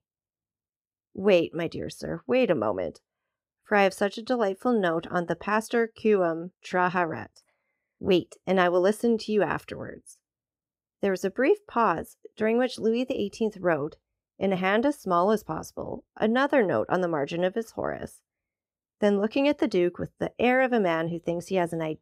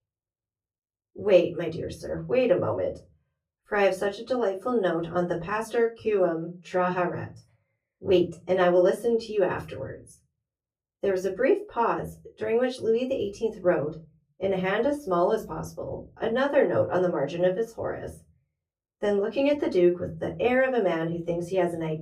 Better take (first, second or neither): first